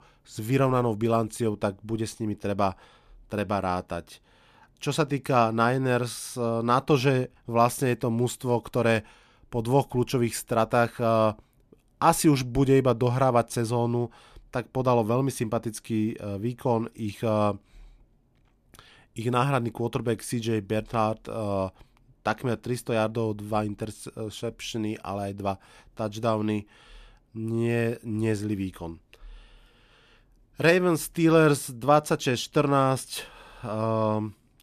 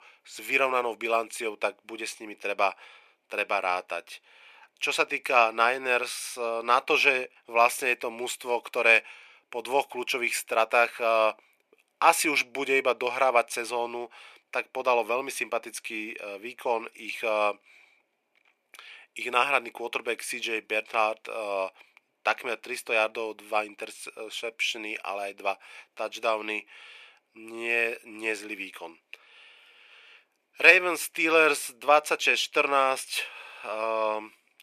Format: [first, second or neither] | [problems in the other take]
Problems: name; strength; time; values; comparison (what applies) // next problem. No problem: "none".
first | thin; very; fading below 450 Hz